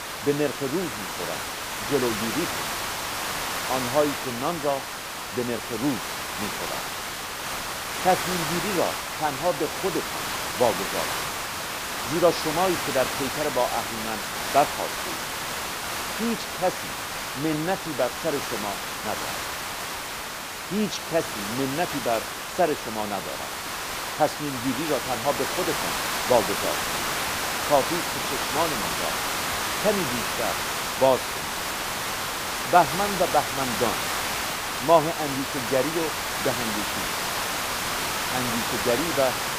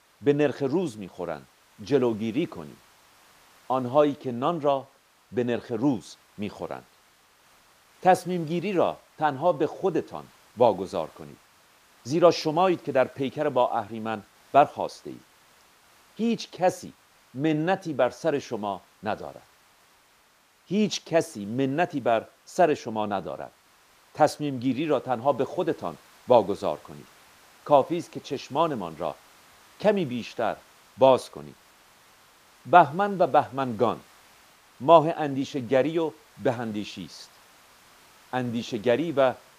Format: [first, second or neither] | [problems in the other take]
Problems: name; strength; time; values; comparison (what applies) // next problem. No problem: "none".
second | hiss; loud; throughout; 1 dB below the speech; faint in the second